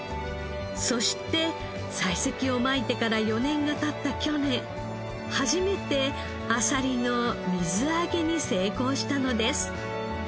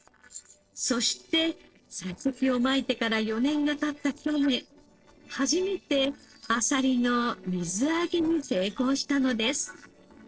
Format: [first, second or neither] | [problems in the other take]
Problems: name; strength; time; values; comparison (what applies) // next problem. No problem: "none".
first | noise reduction (neural separator model SepFormer DNS4)